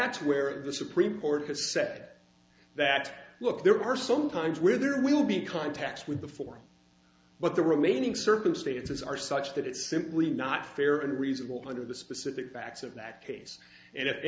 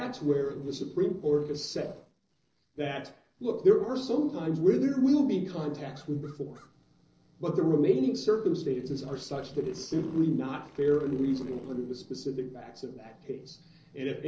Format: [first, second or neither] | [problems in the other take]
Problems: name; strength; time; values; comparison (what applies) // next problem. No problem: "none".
first | noise reduction (neural separator model SepFormer DNS4)